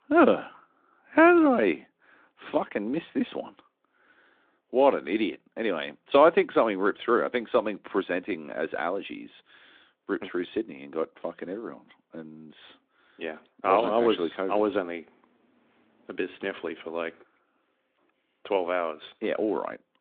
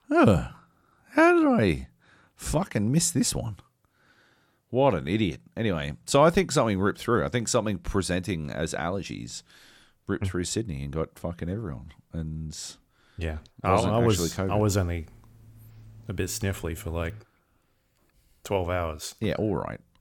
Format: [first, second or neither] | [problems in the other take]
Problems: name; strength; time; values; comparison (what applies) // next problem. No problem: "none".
second | phone-call audio; nothing above 3.5 kHz